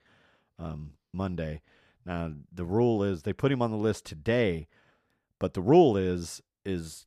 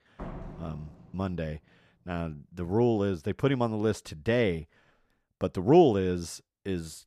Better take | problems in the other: first | door banging; faint; until 1 s; peak 15 dB below the speech

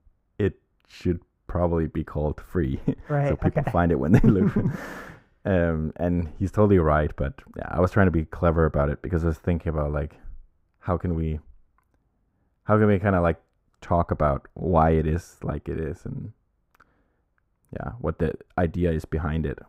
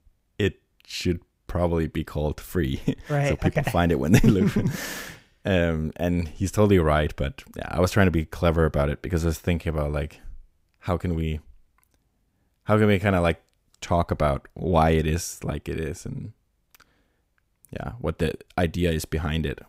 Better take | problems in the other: second | muffled; very; fading above 2 kHz

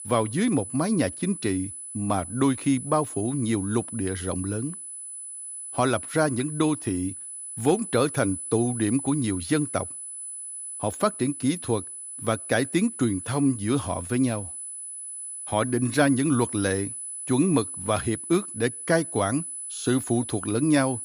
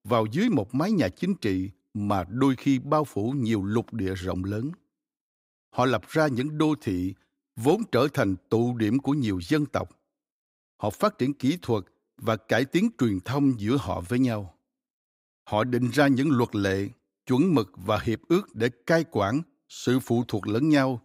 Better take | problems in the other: second | high-pitched whine; loud; throughout; 10 kHz, 8 dB below the speech

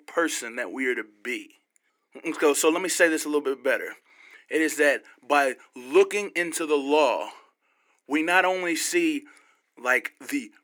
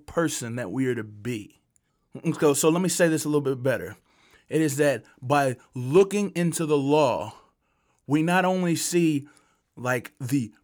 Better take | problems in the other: second | thin; somewhat; fading below 300 Hz

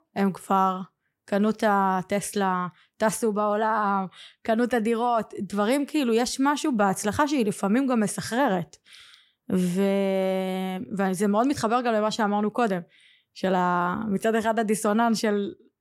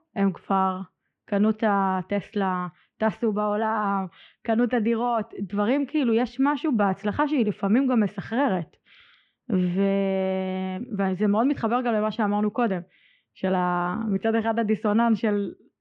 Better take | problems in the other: first | muffled; very; fading above 3 kHz

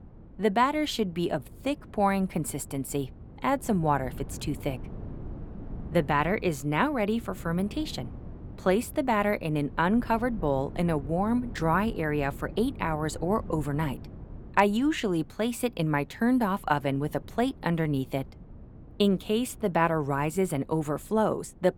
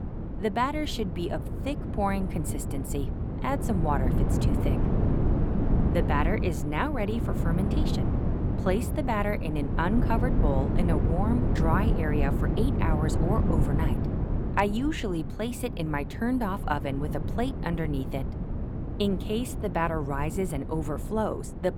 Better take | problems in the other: first | wind noise on the microphone; heavy; 6 dB below the speech; occasional gusts in the first

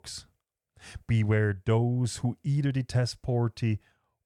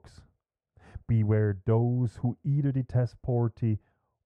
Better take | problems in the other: first | muffled; very; fading above 2 kHz

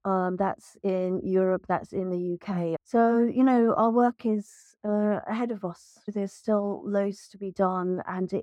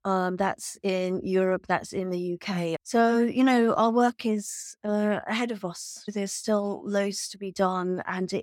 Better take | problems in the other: second | muffled; very; fading above 1.5 kHz

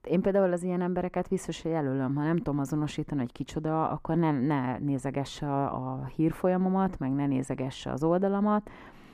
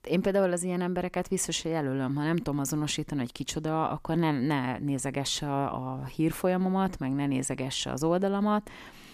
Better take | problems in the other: second | muffled; slightly; fading above 2.5 kHz

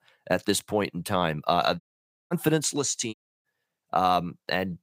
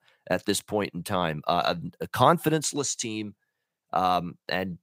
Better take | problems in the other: second | audio cutting out; at 2 s and at 3 s

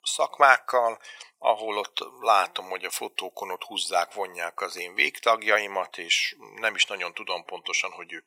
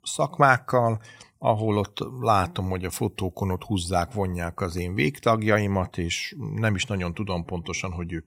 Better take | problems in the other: second | thin; very; fading below 550 Hz

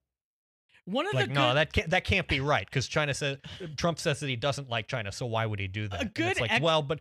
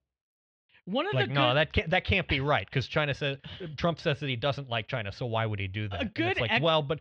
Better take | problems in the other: first | muffled; slightly; fading above 4 kHz

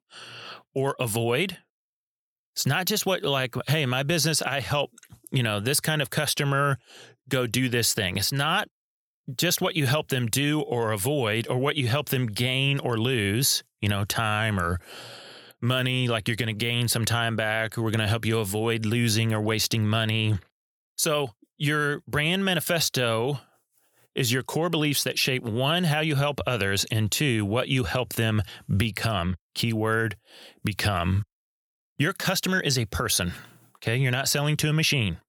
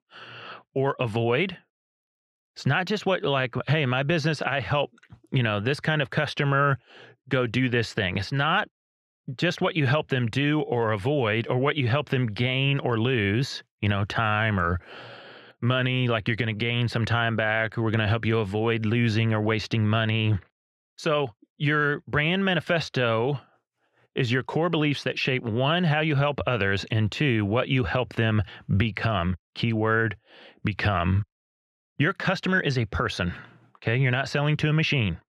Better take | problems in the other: first | muffled; slightly; fading above 2 kHz

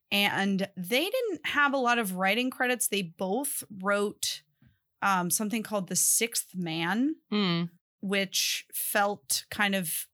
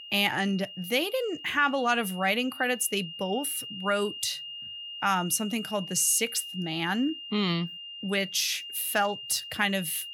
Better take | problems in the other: first | high-pitched whine; noticeable; throughout; 3 kHz, 10 dB below the speech

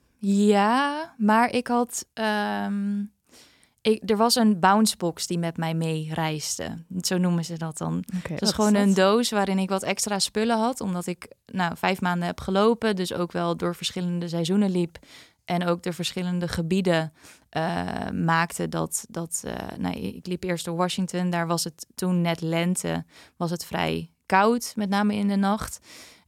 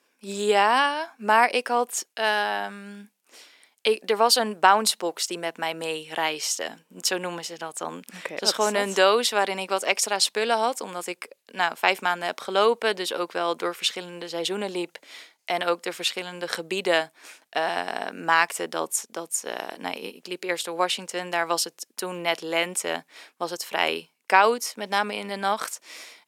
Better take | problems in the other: first | thin; very; fading below 400 Hz

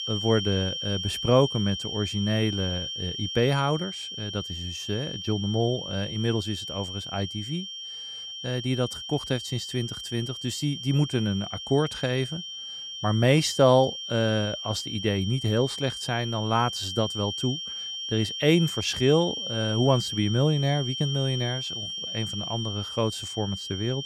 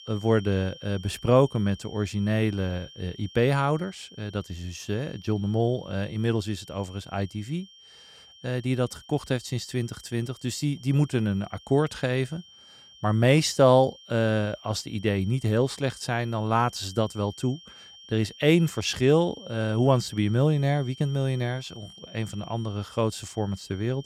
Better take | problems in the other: second | high-pitched whine; loud; throughout; 3 kHz, 6 dB below the speech; faint in the second

